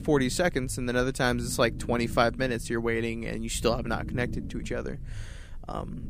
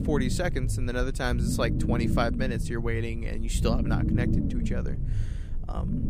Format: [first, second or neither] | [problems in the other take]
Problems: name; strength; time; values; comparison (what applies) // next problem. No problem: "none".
first | low rumble; loud; throughout; 6 dB below the speech; faint in the first